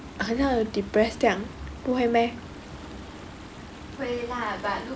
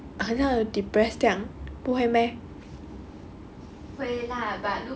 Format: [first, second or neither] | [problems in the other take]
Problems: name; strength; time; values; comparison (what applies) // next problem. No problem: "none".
second | background sound (Stream / Ocean); 19 dB below the speech